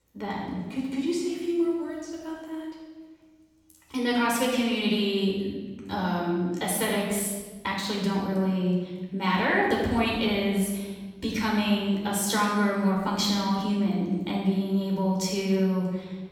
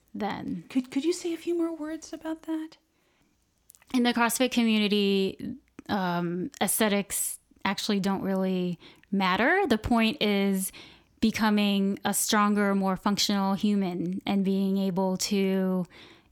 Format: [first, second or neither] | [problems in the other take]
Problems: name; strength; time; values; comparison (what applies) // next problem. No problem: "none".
second | room echo; noticeable; dies away in 1.2 s // off-mic speech; far